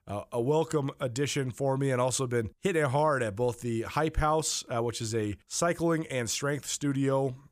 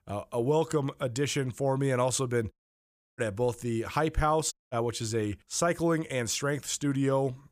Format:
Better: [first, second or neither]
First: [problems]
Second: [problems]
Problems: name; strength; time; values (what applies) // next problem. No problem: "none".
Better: first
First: none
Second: audio cutting out; at 2.5 s for 0.5 s and at 4.5 s